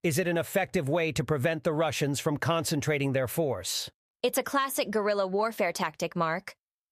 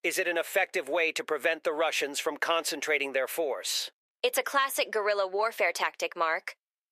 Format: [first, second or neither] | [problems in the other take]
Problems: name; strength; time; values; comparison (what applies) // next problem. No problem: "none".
first | thin; very; fading below 350 Hz